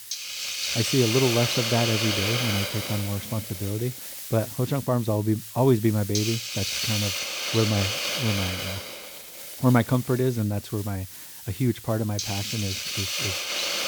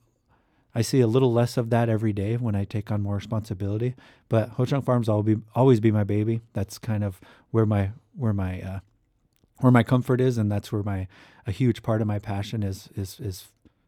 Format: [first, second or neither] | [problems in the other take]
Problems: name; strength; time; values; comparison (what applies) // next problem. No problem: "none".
second | hiss; loud; throughout; 2 dB below the speech